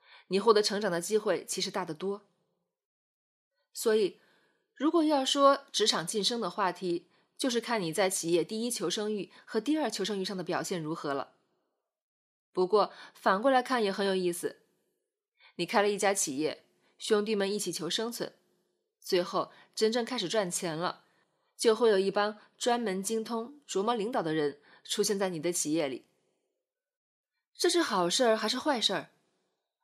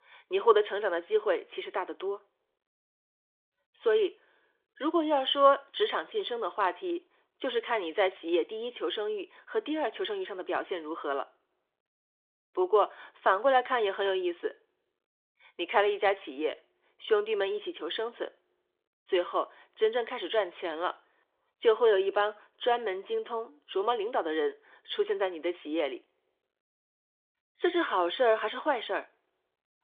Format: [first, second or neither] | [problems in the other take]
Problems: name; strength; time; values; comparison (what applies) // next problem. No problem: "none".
first | phone-call audio